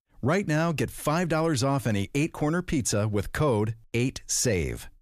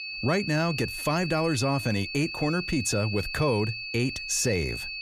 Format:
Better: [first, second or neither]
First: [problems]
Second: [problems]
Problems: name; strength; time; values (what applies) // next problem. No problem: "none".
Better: first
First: none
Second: high-pitched whine; loud; throughout; 2.5 kHz, 6 dB below the speech